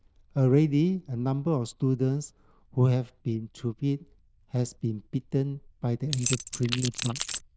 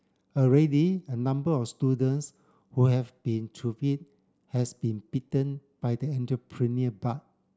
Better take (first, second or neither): second